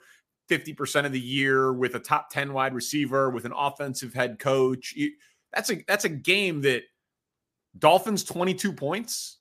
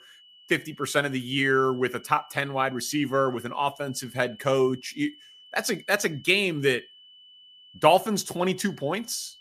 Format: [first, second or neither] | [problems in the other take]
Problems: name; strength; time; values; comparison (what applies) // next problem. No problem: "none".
first | high-pitched whine; faint; throughout; 3 kHz, 25 dB below the speech